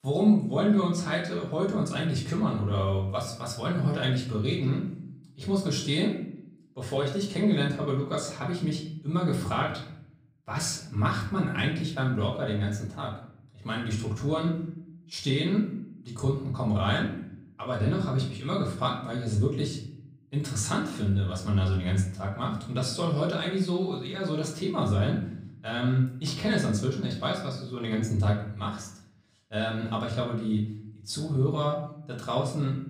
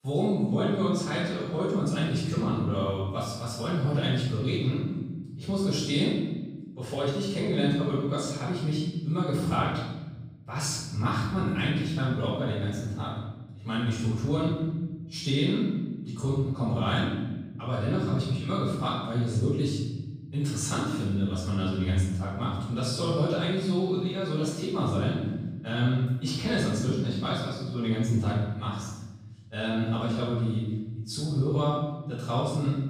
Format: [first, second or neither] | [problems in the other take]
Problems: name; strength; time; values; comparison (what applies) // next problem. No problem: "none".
first | room echo; strong; dies away in 1.3 s; slight in the first // off-mic speech; far; far in the first